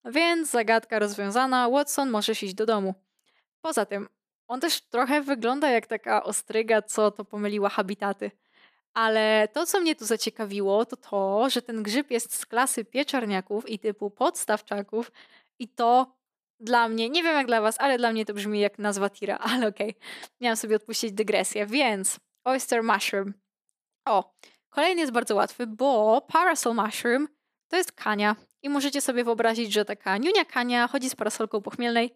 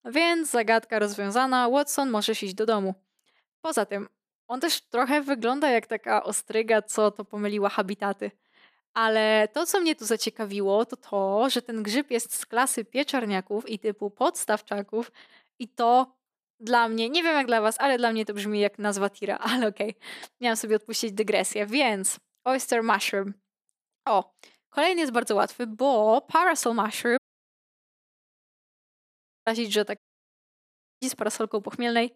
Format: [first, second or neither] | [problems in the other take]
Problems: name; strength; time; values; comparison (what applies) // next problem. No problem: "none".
first | audio cutting out; at 27 s for 2.5 s and at 30 s for 1 s